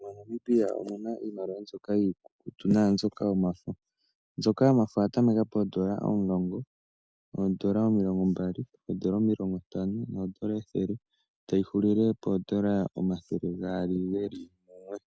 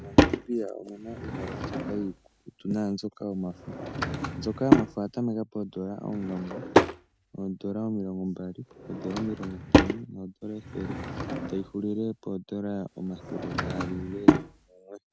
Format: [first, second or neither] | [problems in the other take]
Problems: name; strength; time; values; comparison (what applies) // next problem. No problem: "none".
first | background sound (Drawer open or close / Wood); 5 dB above the speech